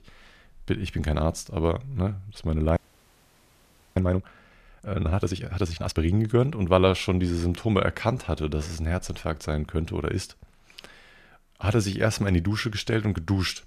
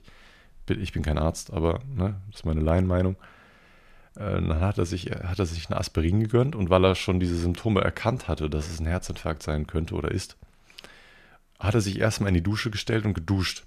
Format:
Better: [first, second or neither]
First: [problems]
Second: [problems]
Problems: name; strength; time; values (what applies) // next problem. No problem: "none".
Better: second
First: audio freezing; at 3 s for 1 s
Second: none